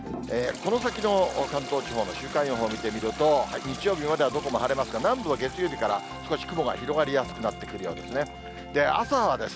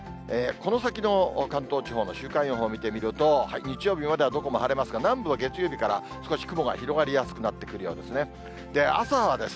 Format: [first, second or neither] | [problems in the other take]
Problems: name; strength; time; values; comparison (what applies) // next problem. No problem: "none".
second | background sound (Wind instrument, woodwind instrument + Toilet flush); 14 dB below the speech